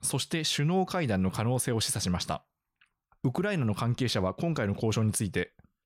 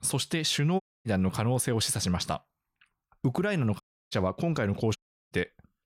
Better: first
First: none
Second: audio cutting out; at 1 s, at 4 s and at 5 s

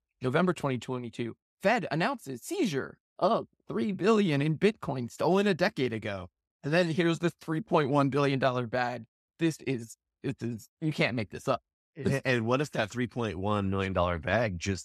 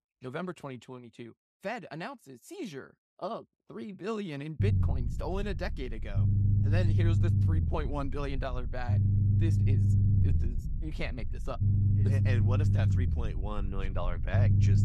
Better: first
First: none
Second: low rumble; loud; from 4.5 s on; 2 dB below the speech

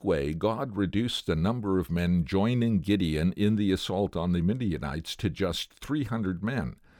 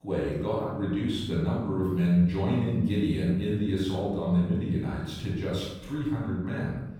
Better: first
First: none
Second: off-mic speech; far // room echo; strong; dies away in 0.9 s

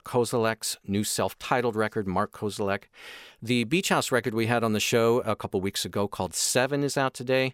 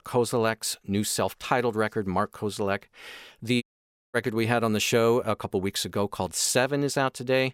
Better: first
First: none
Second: audio cutting out; at 3.5 s for 0.5 s

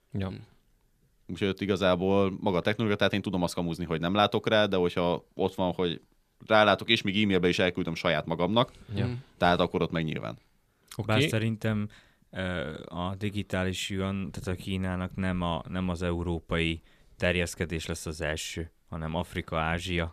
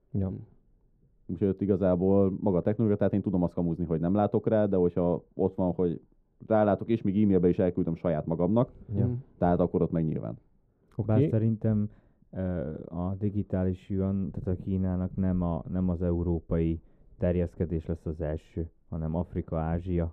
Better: first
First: none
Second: muffled; very; fading above 1.5 kHz

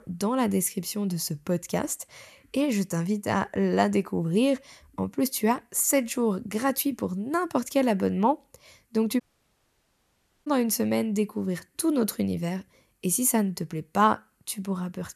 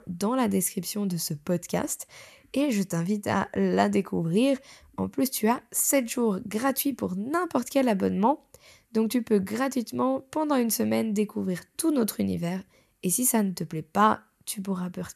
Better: second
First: audio cutting out; at 9 s for 1.5 s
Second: none

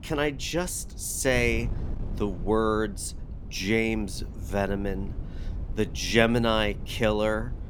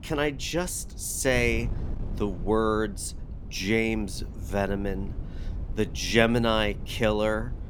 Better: neither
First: wind noise on the microphone; occasional gusts; 20 dB below the speech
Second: wind noise on the microphone; occasional gusts; 20 dB below the speech

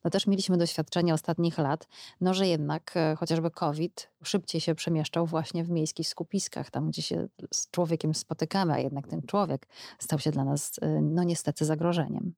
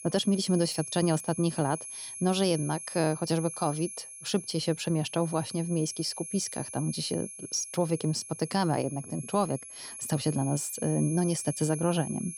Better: first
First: none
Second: high-pitched whine; loud; throughout; 10.5 kHz, 10 dB below the speech

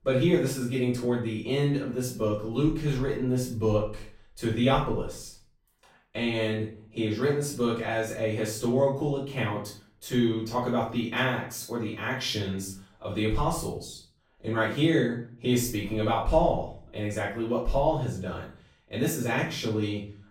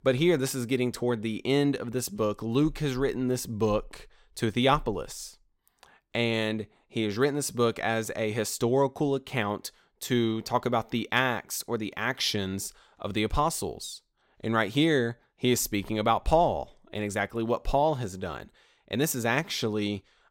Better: second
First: room echo; noticeable; dies away in 0.4 s // off-mic speech; far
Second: none

